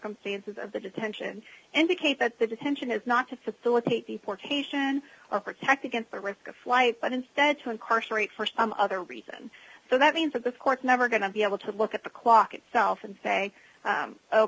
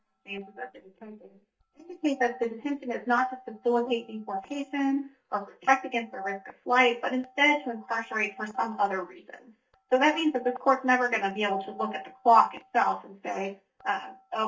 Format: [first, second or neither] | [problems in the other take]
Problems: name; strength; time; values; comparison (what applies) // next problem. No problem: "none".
first | noise reduction (neural mask model DeepFilterNet 3)